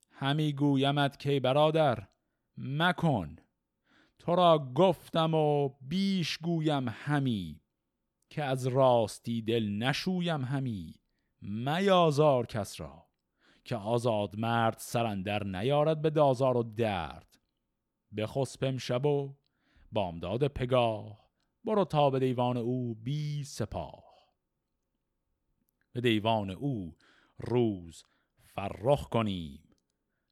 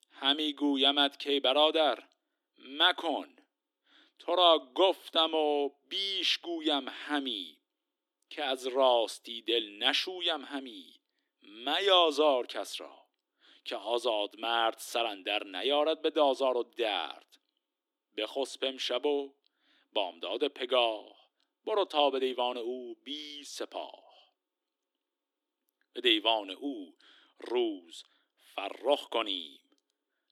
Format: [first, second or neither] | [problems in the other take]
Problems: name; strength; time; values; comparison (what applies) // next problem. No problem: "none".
first | thin; somewhat; fading below 300 Hz